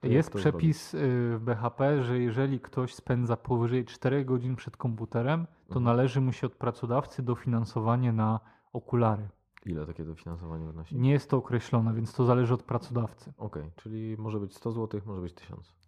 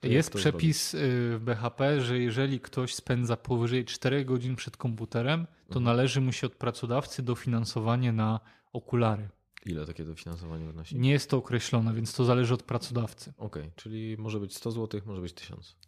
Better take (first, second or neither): second